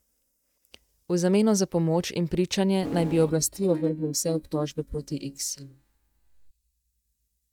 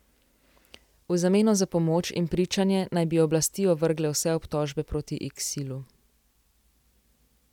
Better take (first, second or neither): second